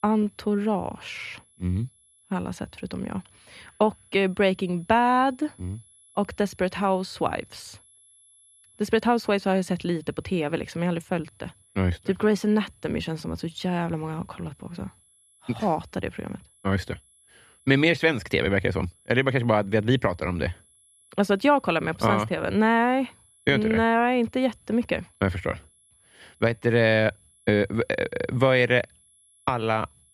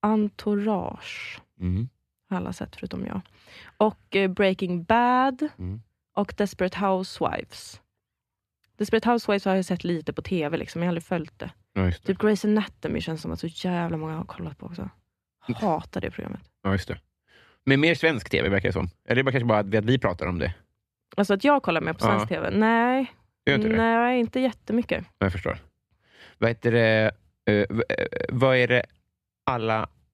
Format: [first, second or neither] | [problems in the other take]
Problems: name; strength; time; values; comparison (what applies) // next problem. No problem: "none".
second | high-pitched whine; faint; throughout; 11 kHz, 30 dB below the speech